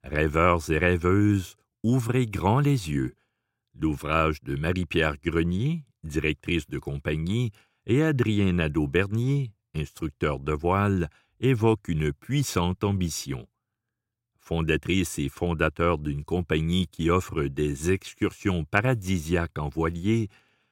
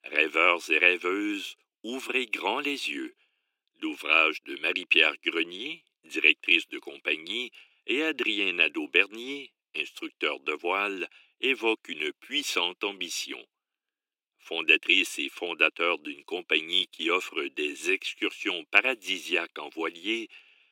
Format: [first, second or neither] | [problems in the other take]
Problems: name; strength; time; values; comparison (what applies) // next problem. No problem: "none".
first | thin; somewhat; fading below 300 Hz